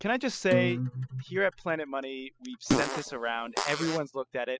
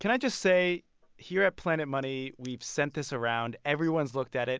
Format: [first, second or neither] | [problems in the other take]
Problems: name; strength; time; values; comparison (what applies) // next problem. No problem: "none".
second | noise reduction (classical method spectral subtraction)